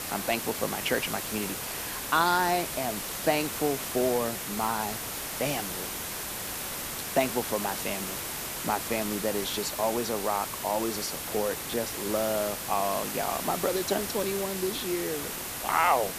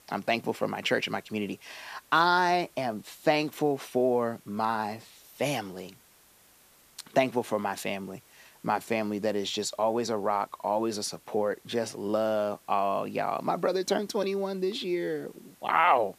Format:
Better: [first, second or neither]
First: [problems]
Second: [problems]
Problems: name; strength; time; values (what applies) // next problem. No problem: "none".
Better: second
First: hiss; loud; throughout; 3 dB below the speech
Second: hiss; faint; throughout; 30 dB below the speech